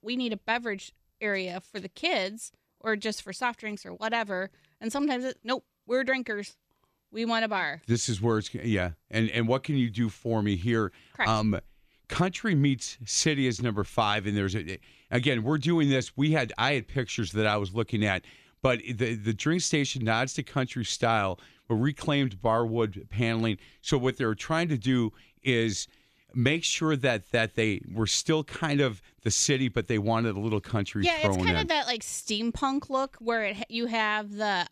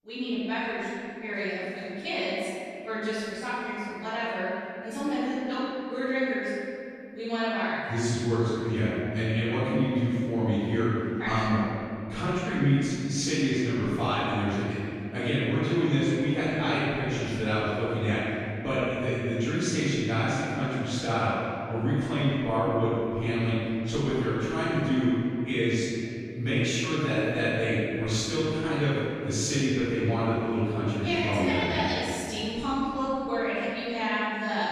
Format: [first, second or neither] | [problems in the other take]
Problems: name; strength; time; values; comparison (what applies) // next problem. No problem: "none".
first | off-mic speech; far // room echo; strong; dies away in 2.5 s